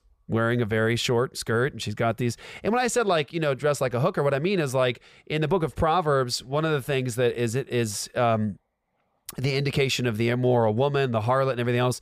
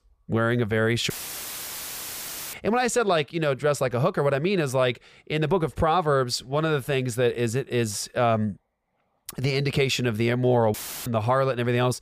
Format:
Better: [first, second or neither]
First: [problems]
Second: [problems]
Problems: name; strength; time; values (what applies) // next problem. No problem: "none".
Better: first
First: none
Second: audio cutting out; filled with static; at 1 s for 1.5 s and at 11 s